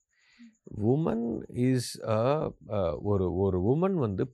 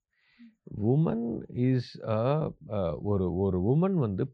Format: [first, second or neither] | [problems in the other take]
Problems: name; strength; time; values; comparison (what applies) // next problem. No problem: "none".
first | muffled; very slightly; fading above 4 kHz